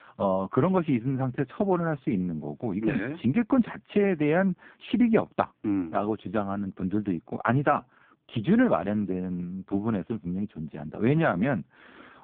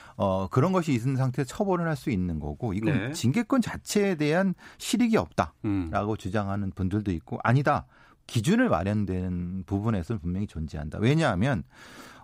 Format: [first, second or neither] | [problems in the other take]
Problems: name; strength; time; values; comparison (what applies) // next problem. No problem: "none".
second | phone-call audio; poor line